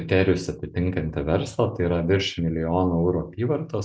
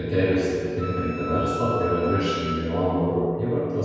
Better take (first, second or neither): first